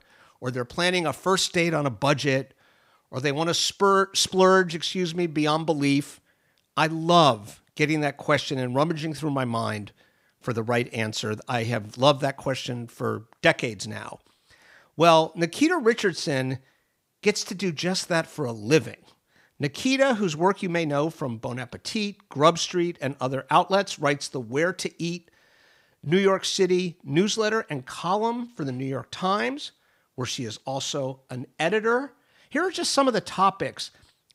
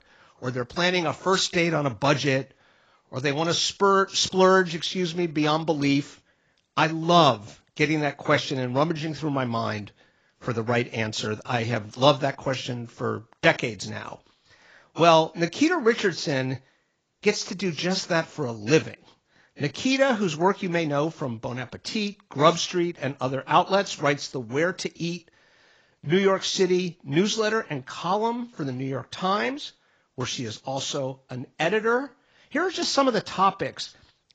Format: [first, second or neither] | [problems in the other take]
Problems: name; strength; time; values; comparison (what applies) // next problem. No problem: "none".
first | garbled, watery; badly; nothing above 7.5 kHz